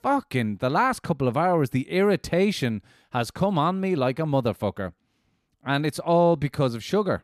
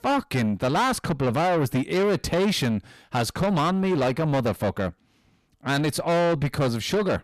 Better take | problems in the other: first | distortion; heavy; 7 dB below the speech

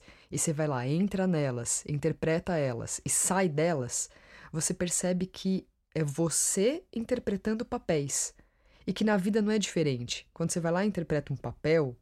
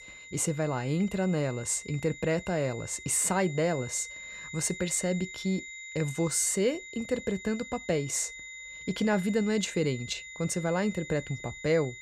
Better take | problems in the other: first | high-pitched whine; noticeable; throughout; 2 kHz, 10 dB below the speech

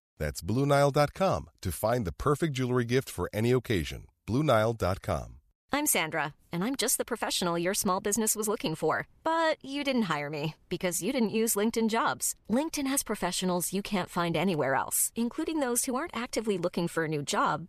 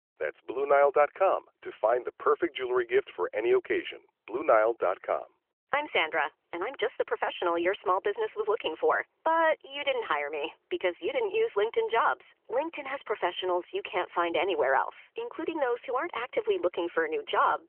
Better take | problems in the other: first | phone-call audio; nothing above 3 kHz

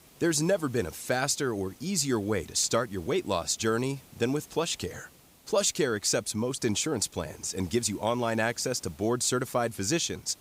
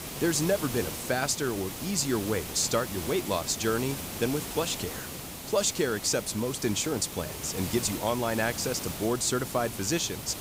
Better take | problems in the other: first | hiss; loud; throughout; 7 dB below the speech; faint in the first

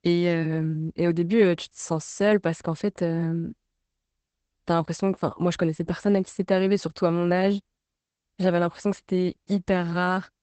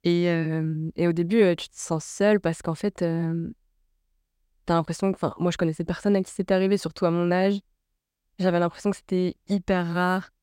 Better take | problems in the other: second | garbled, watery; badly; nothing above 8 kHz

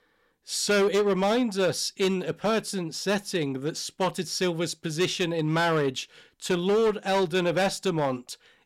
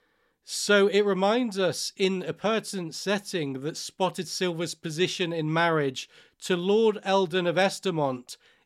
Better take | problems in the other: second | distortion; slight; 8% of the sound clipped

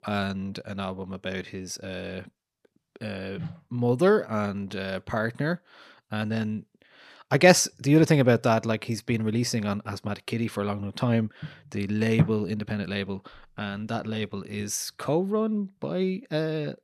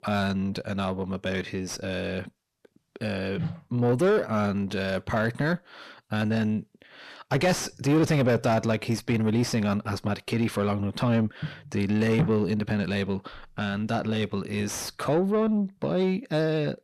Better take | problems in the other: first | distortion; heavy; 6 dB below the speech

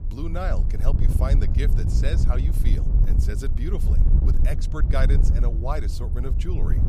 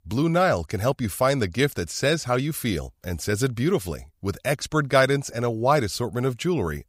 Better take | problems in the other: second | wind noise on the microphone; heavy; 5 dB below the speech

